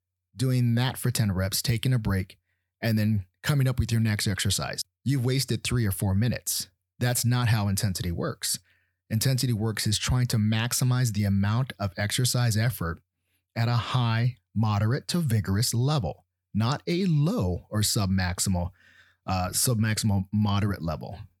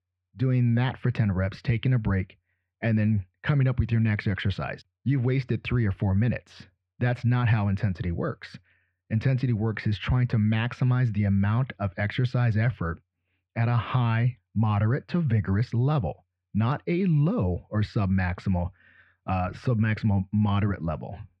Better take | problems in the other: first | muffled; very; fading above 2.5 kHz

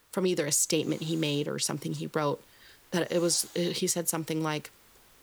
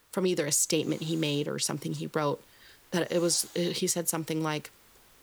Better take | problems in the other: neither | hiss; faint; throughout; 25 dB below the speech; the same in both

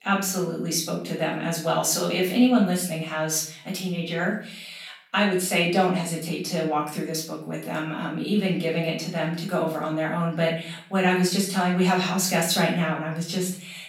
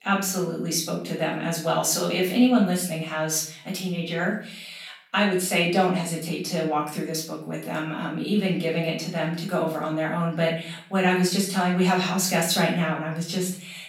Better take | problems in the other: neither | off-mic speech; far; the same in both // room echo; noticeable; dies away in 0.6 s; the same in both

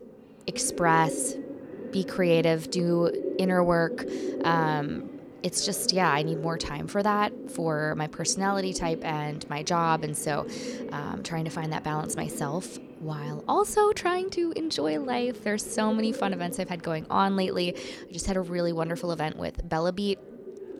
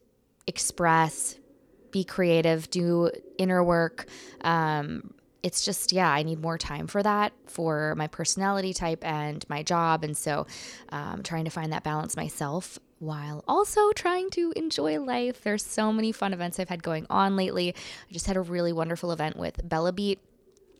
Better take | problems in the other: second | animal sounds; loud; throughout; 10 dB below the speech; faint in the second

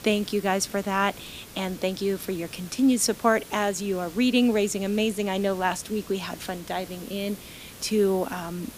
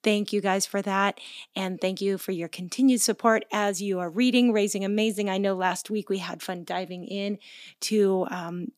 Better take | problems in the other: second | hiss; noticeable; throughout; 15 dB below the speech

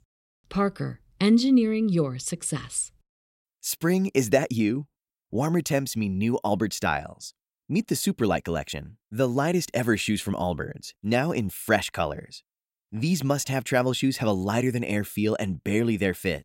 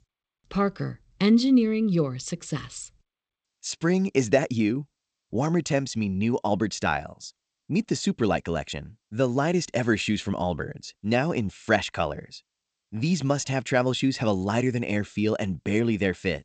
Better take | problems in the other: first | garbled, watery; slightly; nothing above 8 kHz

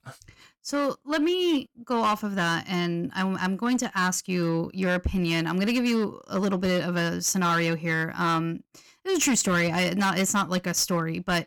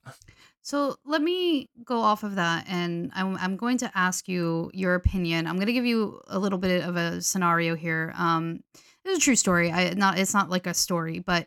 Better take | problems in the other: second | distortion; slight; 9% of the sound clipped

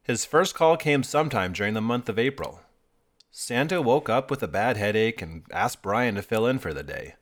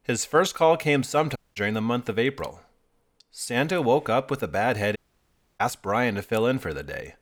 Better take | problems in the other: first | audio cutting out; at 1.5 s and at 5 s for 0.5 s

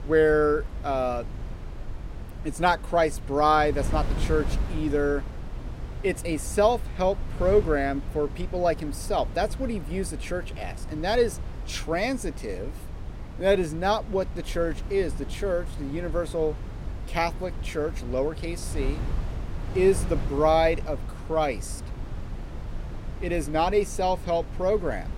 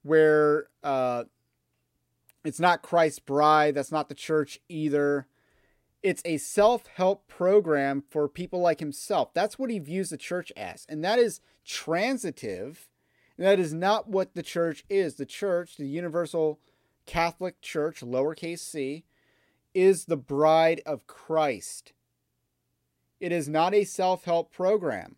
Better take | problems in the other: second | wind noise on the microphone; occasional gusts; 20 dB below the speech

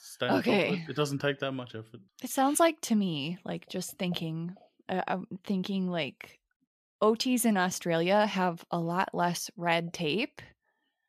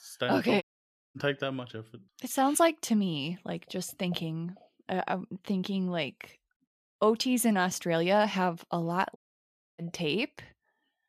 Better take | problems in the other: first | audio cutting out; at 0.5 s for 0.5 s and at 9 s for 0.5 s

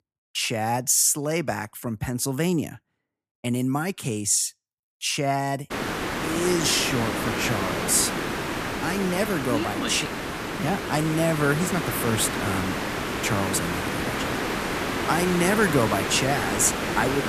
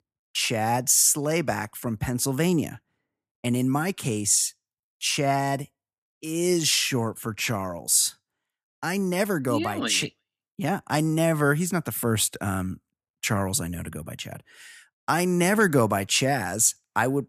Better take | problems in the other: second | hiss; loud; from 5.5 s on; 3 dB below the speech

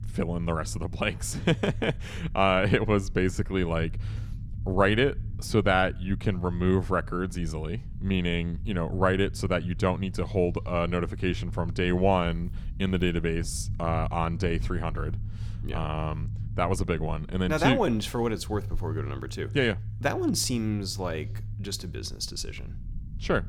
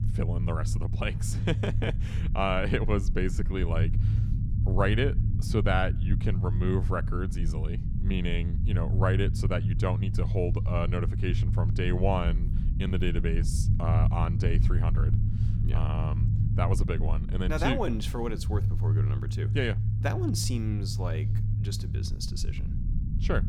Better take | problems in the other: first | low rumble; loud; throughout; 9 dB below the speech; faint in the first

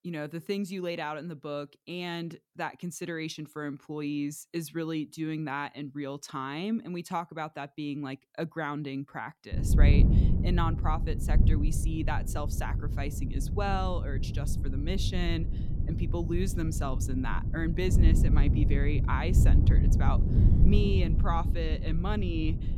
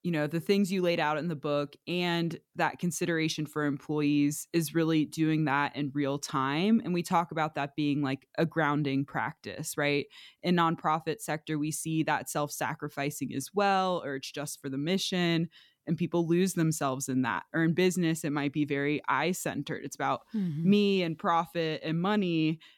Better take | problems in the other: second | wind noise on the microphone; heavy; from 9.5 s on; 6 dB below the speech

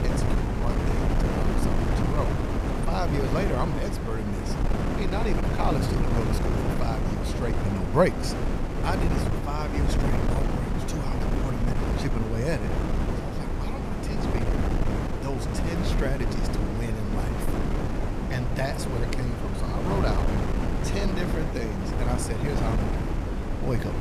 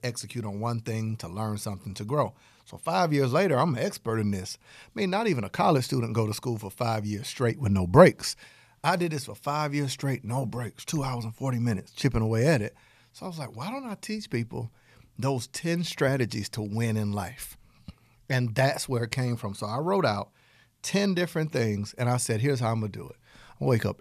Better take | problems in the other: second | wind noise on the microphone; heavy; 1 dB above the speech

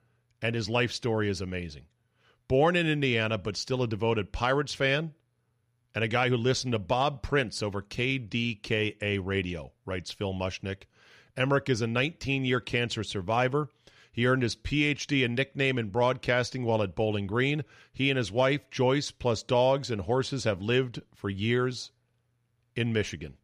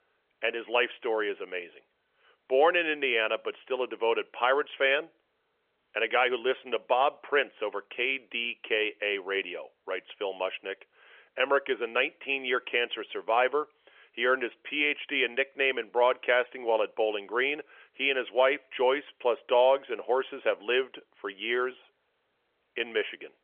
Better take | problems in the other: first | phone-call audio; nothing above 3 kHz

